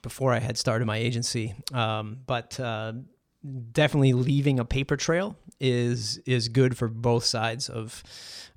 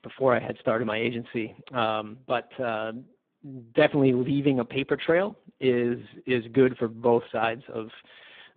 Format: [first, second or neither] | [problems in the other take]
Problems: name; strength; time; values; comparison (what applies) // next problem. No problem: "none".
first | phone-call audio; poor line